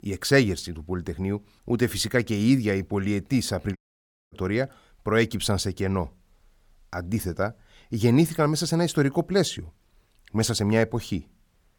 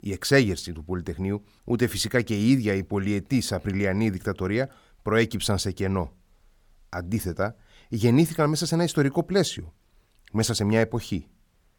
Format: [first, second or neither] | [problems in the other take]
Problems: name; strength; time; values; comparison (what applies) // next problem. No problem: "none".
second | audio cutting out; at 4 s for 0.5 s